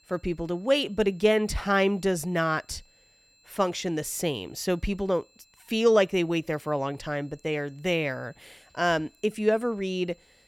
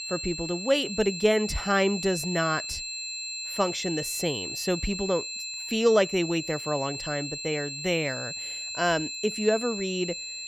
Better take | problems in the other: first | high-pitched whine; loud; throughout; 4 kHz, 6 dB below the speech; faint in the first

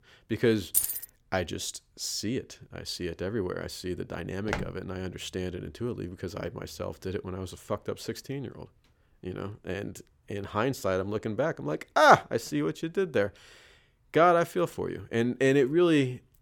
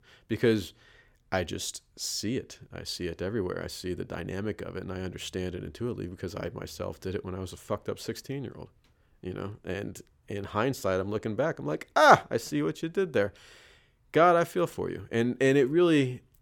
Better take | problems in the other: second | jangling keys; loud; at 0.5 s; peak 3 dB above the speech // footsteps; noticeable; at 4.5 s; peak 6 dB below the speech

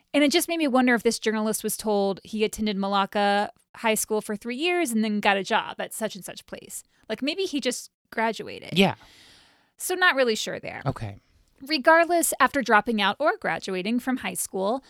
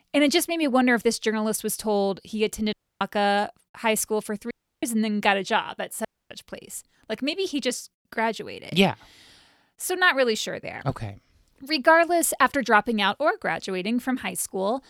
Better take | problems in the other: first | audio cutting out; at 2.5 s, at 4.5 s and at 6 s

